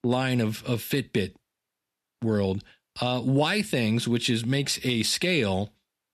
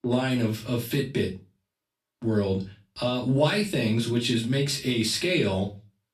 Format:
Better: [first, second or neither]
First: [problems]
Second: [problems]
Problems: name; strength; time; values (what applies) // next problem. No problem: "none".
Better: first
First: none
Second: off-mic speech; far // room echo; very slight; dies away in 0.2 s